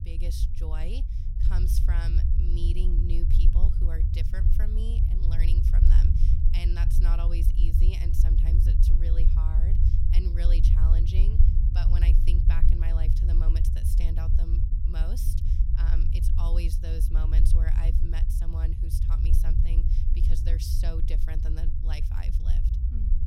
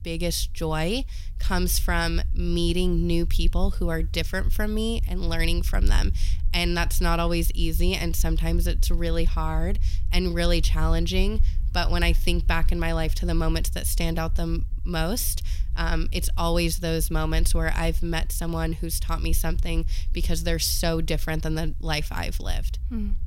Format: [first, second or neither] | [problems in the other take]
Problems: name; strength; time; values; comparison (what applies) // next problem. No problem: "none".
second | low rumble; loud; throughout; as loud as the speech; faint in the second